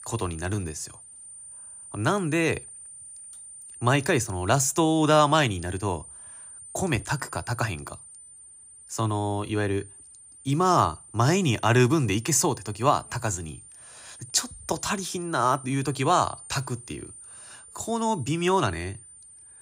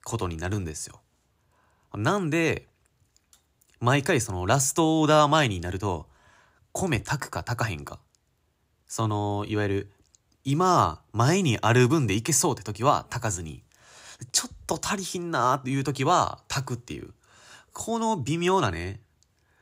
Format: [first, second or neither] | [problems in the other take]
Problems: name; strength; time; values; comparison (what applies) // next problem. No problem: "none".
second | high-pitched whine; noticeable; throughout; 9 kHz, 15 dB below the speech